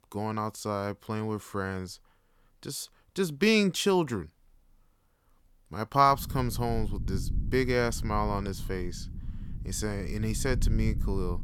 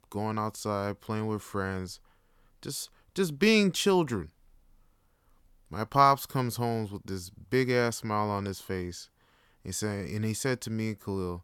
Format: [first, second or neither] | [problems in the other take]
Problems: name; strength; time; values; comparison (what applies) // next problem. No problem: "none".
second | low rumble; faint; from 6 s on; 20 dB below the speech